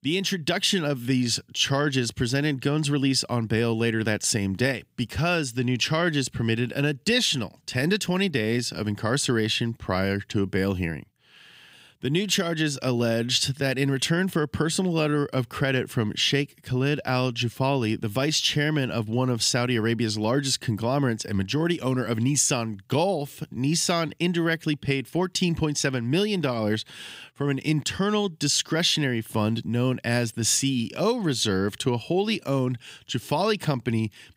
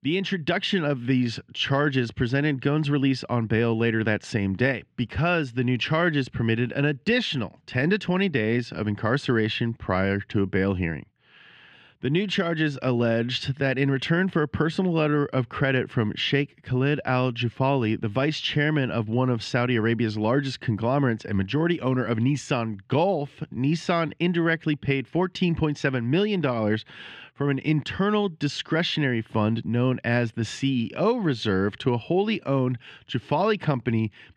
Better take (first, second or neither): first